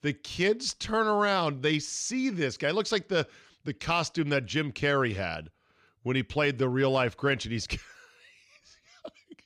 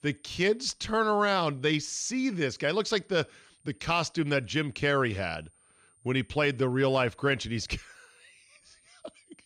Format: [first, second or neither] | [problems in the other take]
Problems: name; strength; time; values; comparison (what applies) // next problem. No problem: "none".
first | high-pitched whine; faint; throughout; 9 kHz, 35 dB below the speech